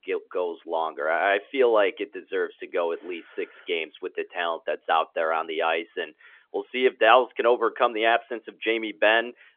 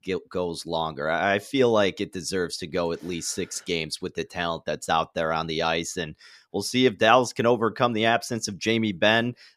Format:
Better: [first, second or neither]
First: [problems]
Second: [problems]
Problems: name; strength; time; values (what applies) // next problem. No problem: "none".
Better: second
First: phone-call audio; nothing above 3.5 kHz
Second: none